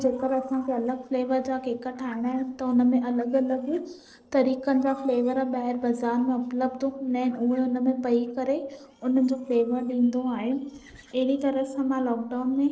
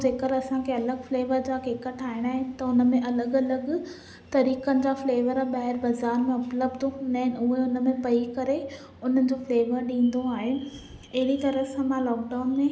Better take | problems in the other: second | noise reduction (neural separator model SepFormer DNS4)

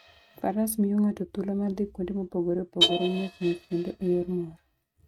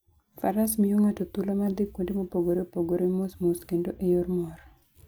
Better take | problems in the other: second | noise reduction (neural mask model RNNoise)

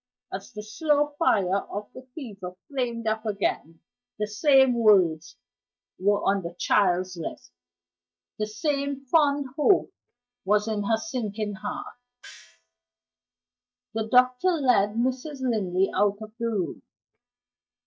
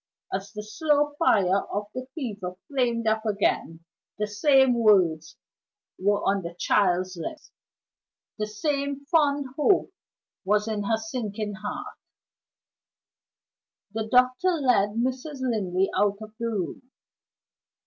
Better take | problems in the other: second | noise reduction (neural mask model DeepFilterNet 3)

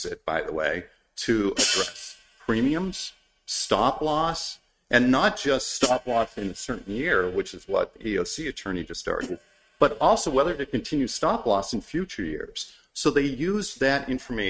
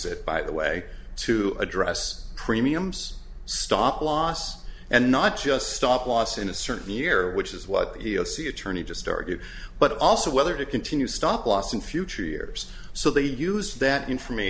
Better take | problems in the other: second | noise reduction (neural mask model RNNoise)

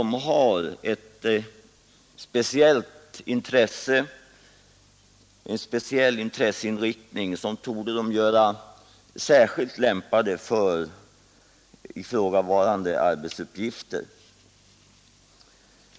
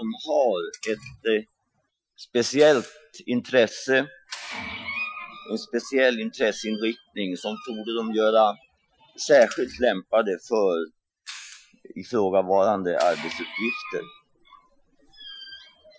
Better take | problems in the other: first | noise reduction (classical method Wiener filter)

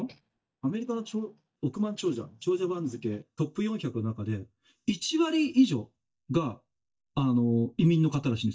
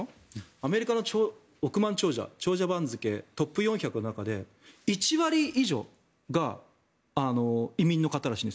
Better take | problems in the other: second | noise reduction (neural mask model DeepFilterNet 3)

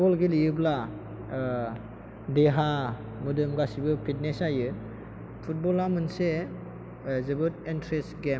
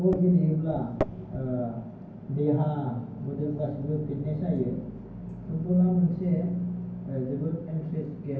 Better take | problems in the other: first | background sound (Microwave oven); 14 dB below the speech // room echo; dies away in 0.9 s

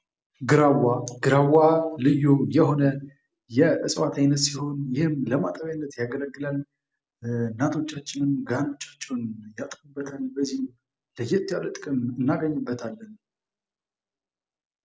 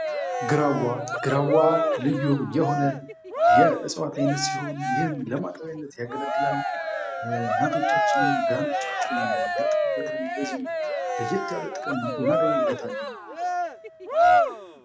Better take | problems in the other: first | background sound (Cheering); 3 dB above the speech

